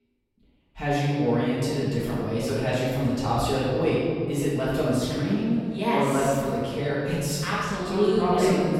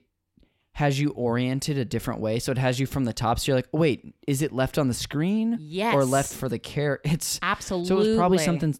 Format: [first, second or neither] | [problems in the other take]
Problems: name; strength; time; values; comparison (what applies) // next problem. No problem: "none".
second | off-mic speech; far // room echo; strong; dies away in 2 s